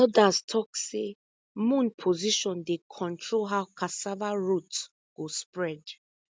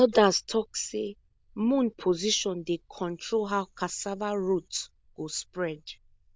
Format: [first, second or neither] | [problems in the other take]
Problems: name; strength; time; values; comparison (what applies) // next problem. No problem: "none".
first | noise reduction (neural diffusion model UNIVERSE++)